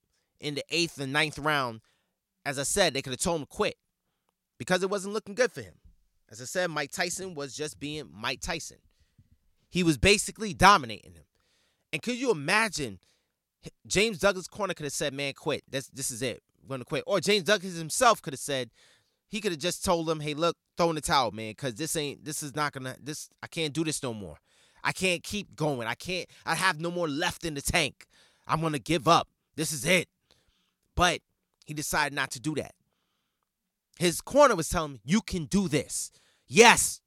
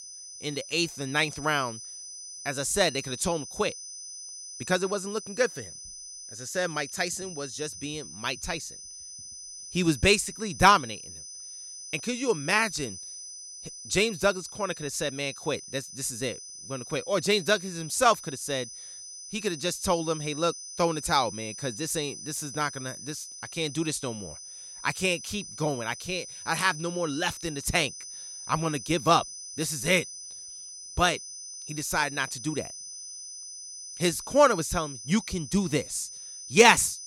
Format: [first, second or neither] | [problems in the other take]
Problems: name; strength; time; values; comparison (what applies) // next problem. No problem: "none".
first | high-pitched whine; noticeable; throughout; 6 kHz, 10 dB below the speech